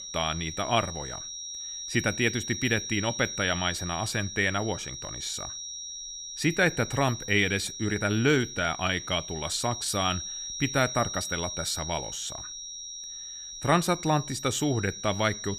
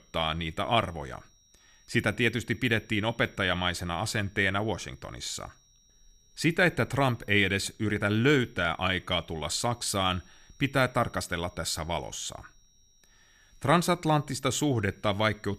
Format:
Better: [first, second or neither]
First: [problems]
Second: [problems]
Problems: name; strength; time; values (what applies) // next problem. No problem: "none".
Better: second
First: high-pitched whine; loud; throughout; 5.5 kHz, 7 dB below the speech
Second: high-pitched whine; faint; throughout; 5.5 kHz, 35 dB below the speech